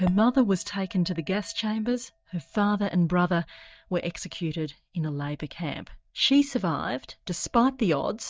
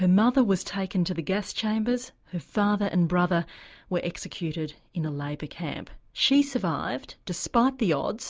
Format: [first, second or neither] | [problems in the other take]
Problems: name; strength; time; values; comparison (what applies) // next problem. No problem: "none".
second | noise reduction (neural mask model DeepFilterNet 3)